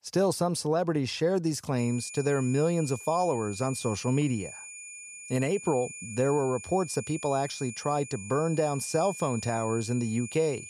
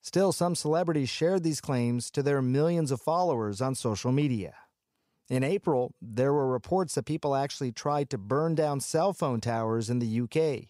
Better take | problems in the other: second | high-pitched whine; noticeable; from 2 s on; 2.5 kHz, 10 dB below the speech

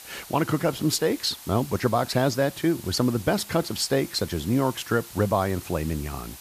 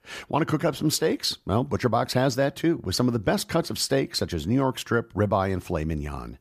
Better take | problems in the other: second | hiss; noticeable; throughout; 15 dB below the speech

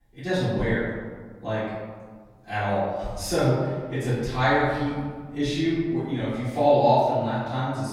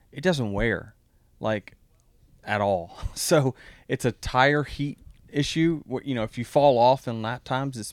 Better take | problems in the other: second | off-mic speech; far // room echo; strong; dies away in 1.4 s

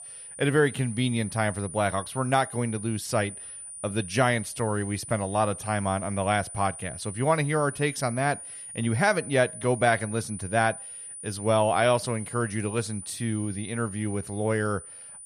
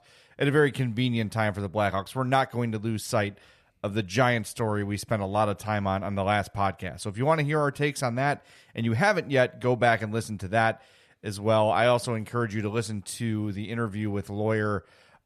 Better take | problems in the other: second | high-pitched whine; noticeable; throughout; 9.5 kHz, 10 dB below the speech

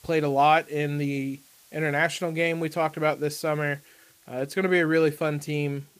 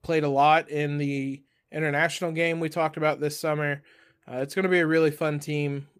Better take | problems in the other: second | hiss; faint; throughout; 30 dB below the speech

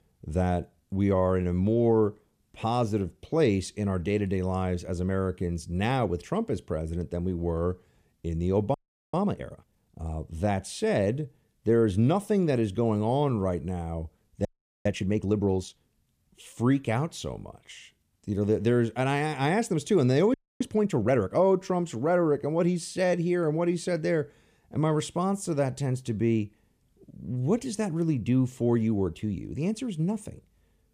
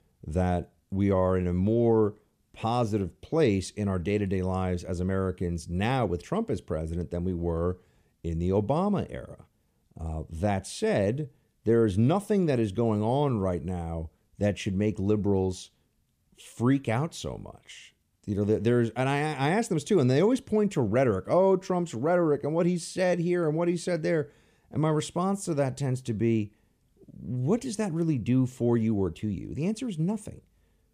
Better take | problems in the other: second | audio freezing; at 8.5 s, at 14 s and at 20 s

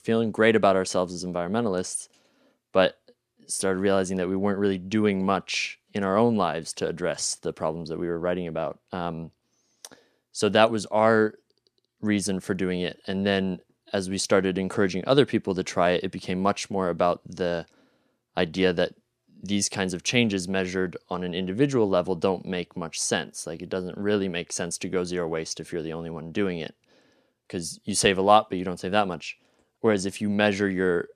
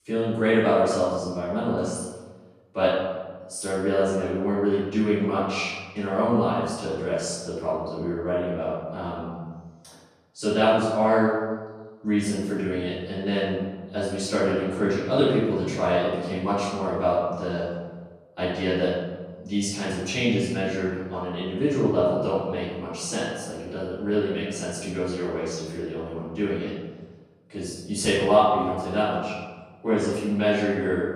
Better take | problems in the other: first | room echo; strong; dies away in 1.3 s // off-mic speech; far

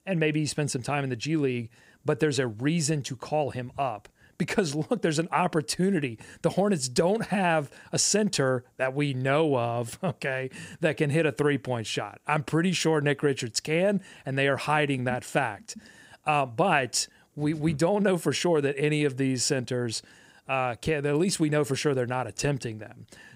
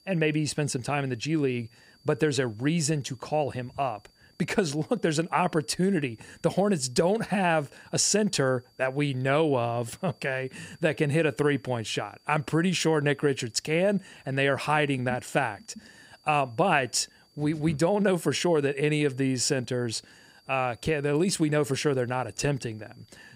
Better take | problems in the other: first | high-pitched whine; faint; throughout; 4.5 kHz, 35 dB below the speech

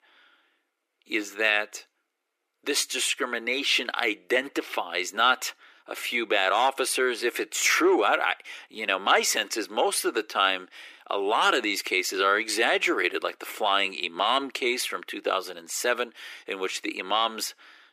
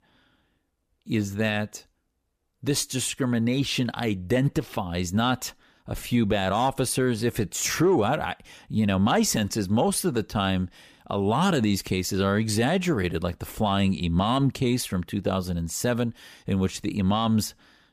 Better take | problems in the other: second | thin; very; fading below 350 Hz

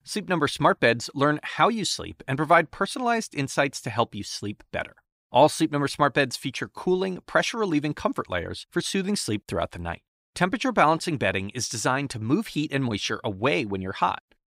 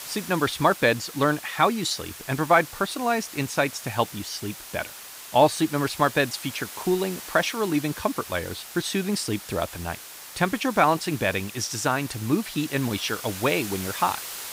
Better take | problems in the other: first | hiss; noticeable; throughout; 10 dB below the speech

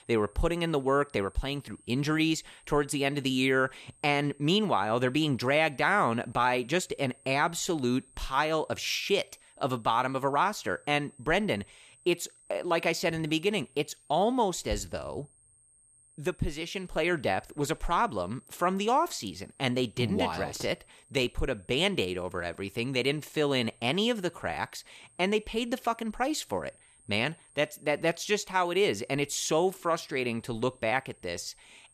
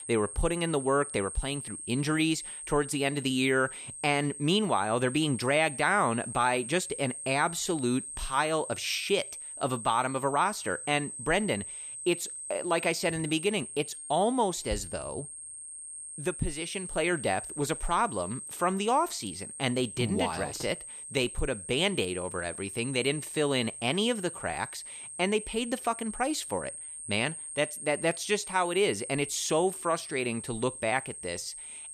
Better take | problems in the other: first | high-pitched whine; loud; throughout; 8.5 kHz, 9 dB below the speech; faint in the first

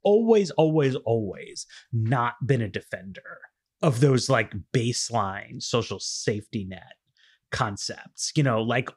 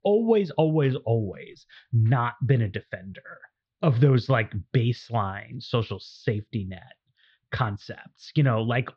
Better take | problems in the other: first | muffled; slightly; fading above 4 kHz

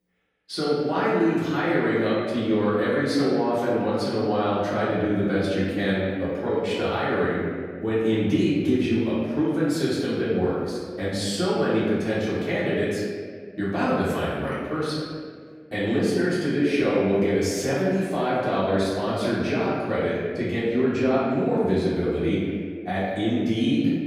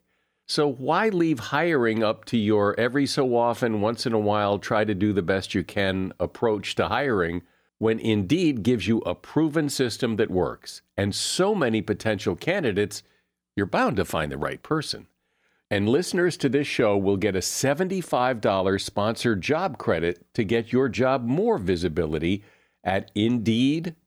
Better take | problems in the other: second | room echo; strong; dies away in 1.7 s // off-mic speech; far

